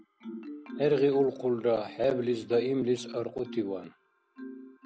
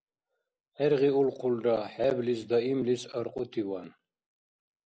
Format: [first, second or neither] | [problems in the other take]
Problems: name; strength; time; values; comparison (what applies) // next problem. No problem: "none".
second | background sound (Marimba, xylophone); 14 dB below the speech